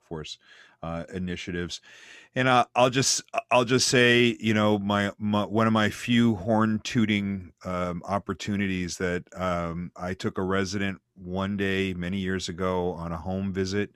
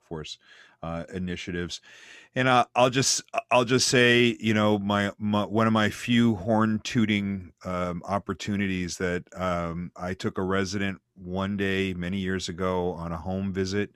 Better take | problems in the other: neither | none

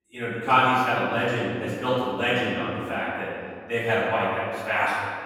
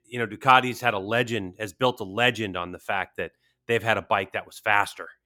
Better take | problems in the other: second | off-mic speech; far // room echo; strong; dies away in 2.2 s

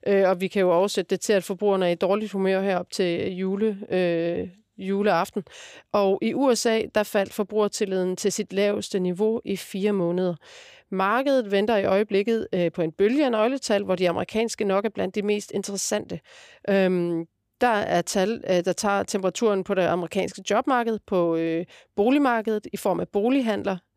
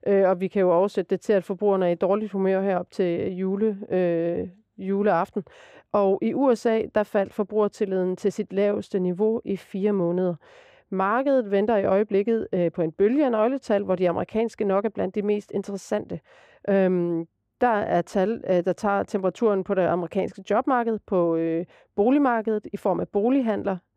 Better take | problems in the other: first | muffled; very; fading above 2.5 kHz

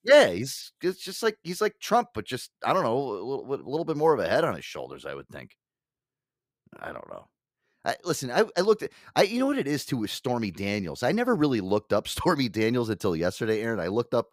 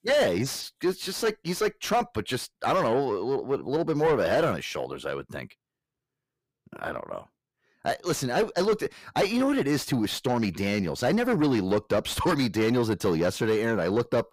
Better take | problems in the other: first | distortion; heavy; 6 dB below the speech

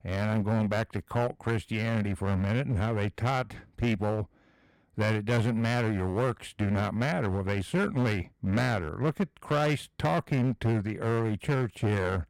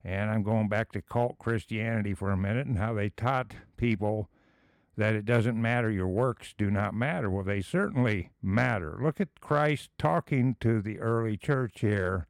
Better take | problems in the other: second | distortion; slight; 11% of the sound clipped

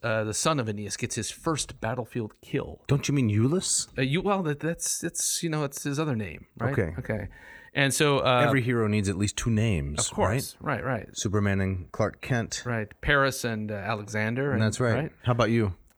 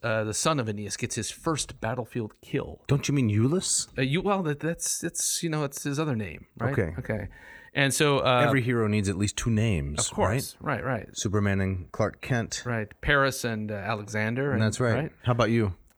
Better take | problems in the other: neither | none

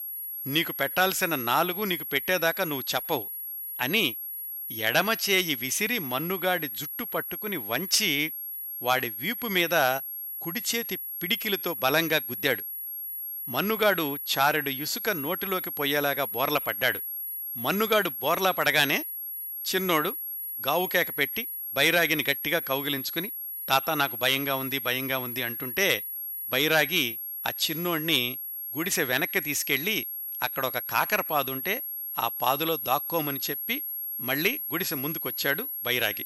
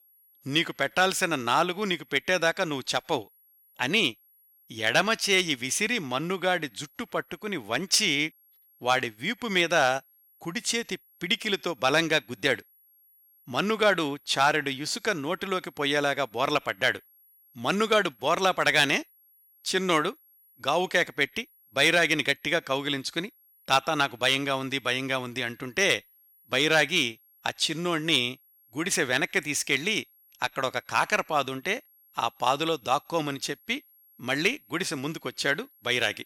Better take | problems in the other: second | high-pitched whine; loud; throughout; 11.5 kHz, 5 dB below the speech; faint in the second

